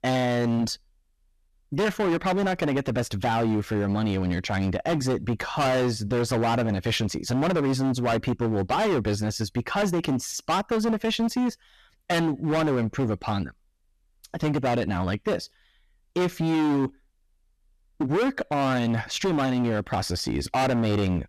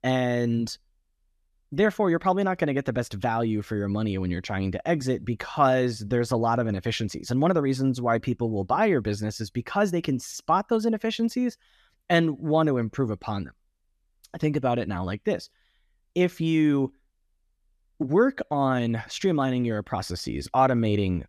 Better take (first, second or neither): second